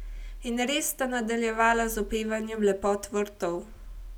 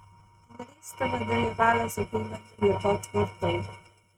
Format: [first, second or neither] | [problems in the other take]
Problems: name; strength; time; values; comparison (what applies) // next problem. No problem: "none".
first | noise reduction (neural mask model RNNoise)